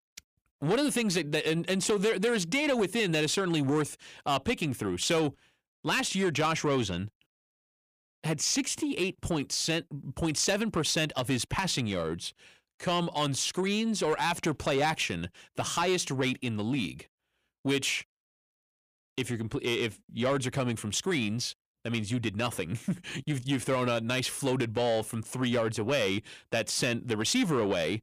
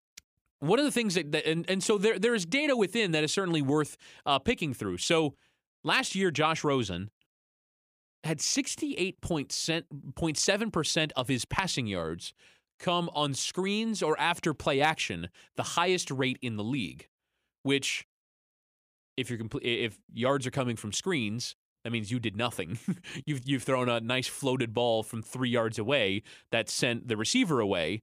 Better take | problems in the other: second | distortion; slight; 10 dB below the speech

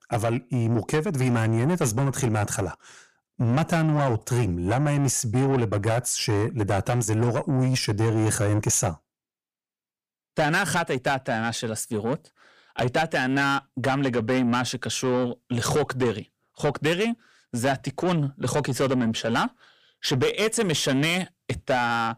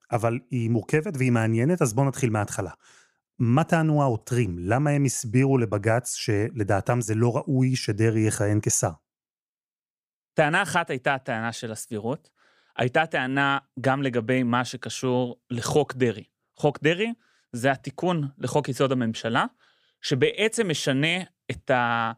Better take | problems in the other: second | distortion; heavy; 7 dB below the speech

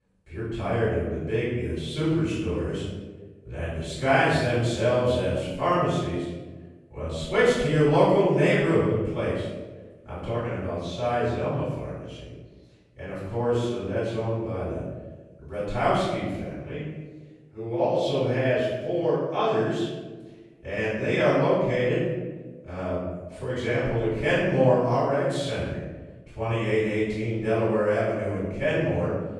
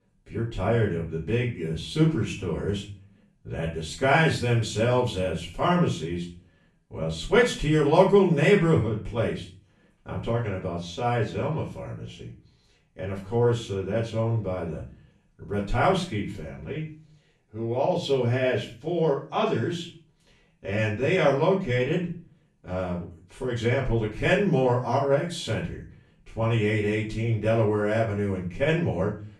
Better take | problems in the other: second | room echo; strong; dies away in 1.1 s; slight in the second // off-mic speech; far; far in the second

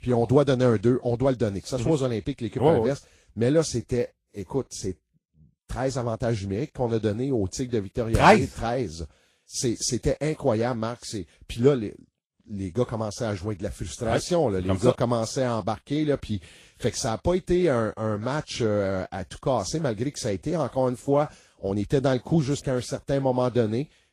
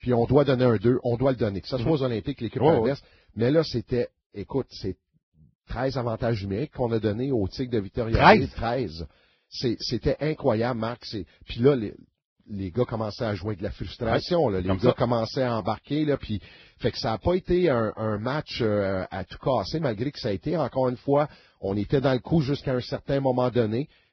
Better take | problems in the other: first | garbled, watery; badly; nothing above 5.5 kHz; slightly in the first

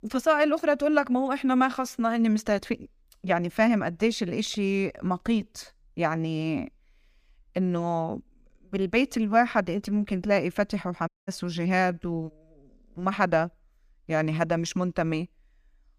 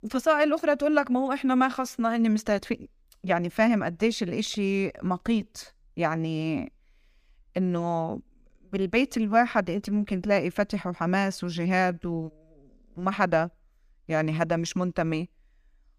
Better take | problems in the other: second | audio cutting out; at 11 s

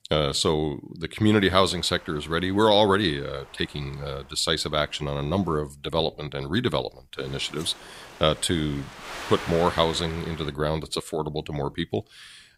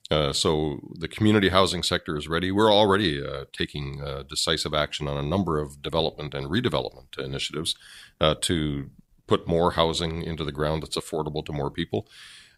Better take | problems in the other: second | wind noise on the microphone; occasional gusts; from 1.5 to 5.5 s and from 7 to 11 s; 15 dB below the speech

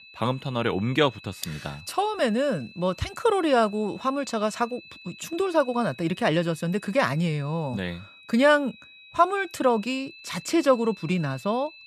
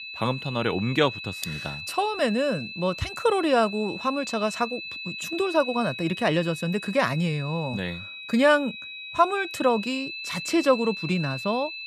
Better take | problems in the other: first | high-pitched whine; loud; throughout; 2.5 kHz, 9 dB below the speech; faint in the first

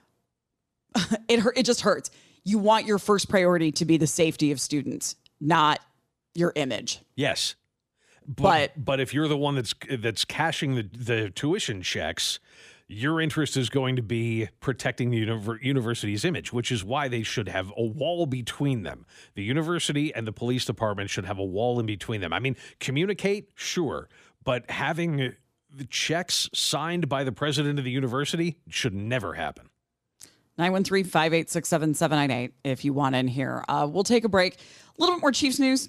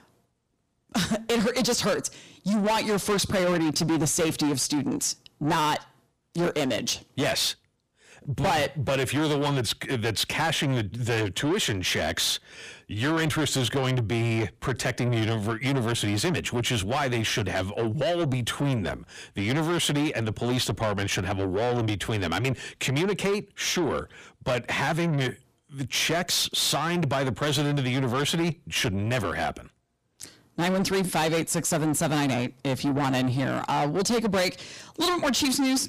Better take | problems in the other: first | distortion; heavy; 6 dB below the speech

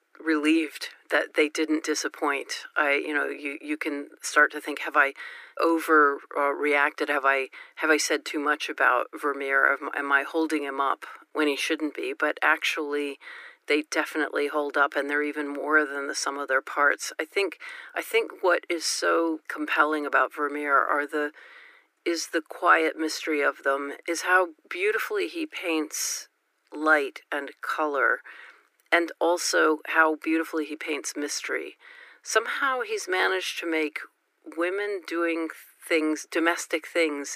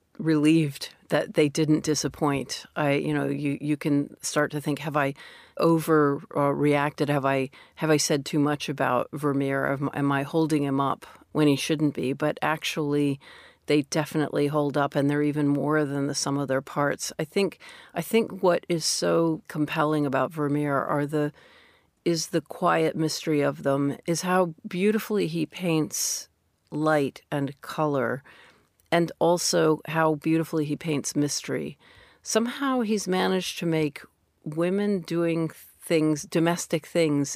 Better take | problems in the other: second | thin; very; fading below 300 Hz

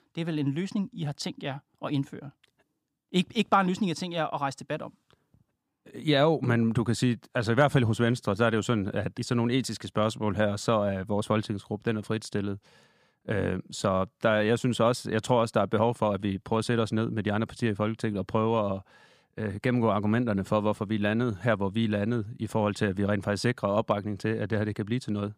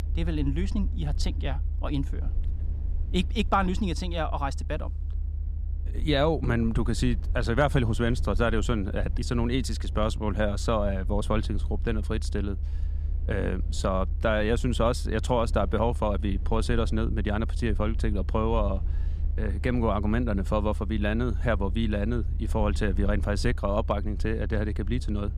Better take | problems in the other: first | low rumble; faint; throughout; 20 dB below the speech

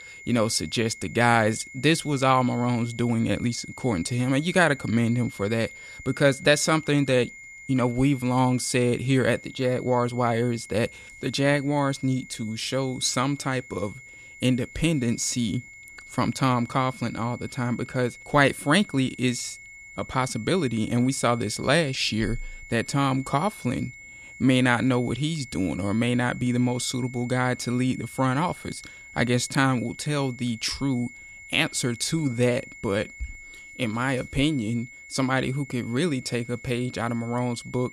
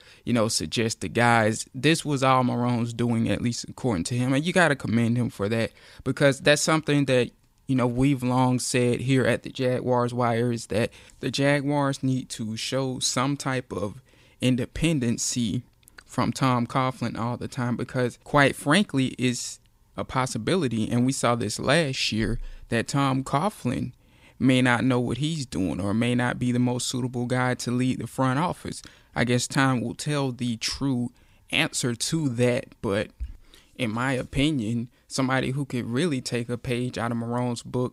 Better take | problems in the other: second | high-pitched whine; noticeable; throughout; 2 kHz, 15 dB below the speech

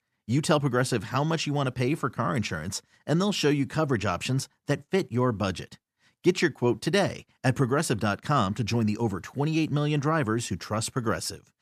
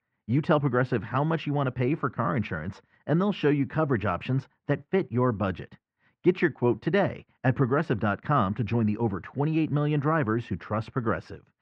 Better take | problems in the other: first | muffled; very; fading above 2.5 kHz

